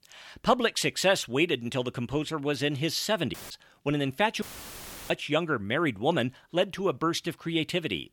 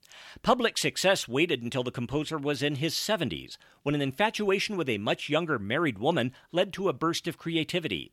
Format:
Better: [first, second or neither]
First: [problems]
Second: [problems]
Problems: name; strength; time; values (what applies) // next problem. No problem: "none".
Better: second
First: audio cutting out; filled with static; at 3.5 s and at 4.5 s for 0.5 s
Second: none